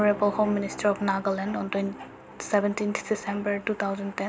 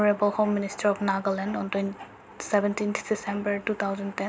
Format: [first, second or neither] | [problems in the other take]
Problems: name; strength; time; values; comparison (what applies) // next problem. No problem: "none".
second | background sound (Bowed string instrument); 17 dB below the speech